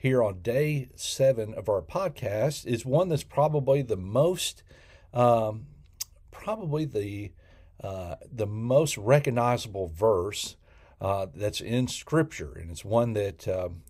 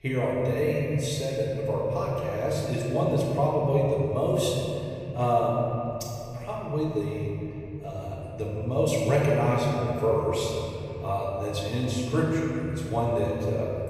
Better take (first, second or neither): first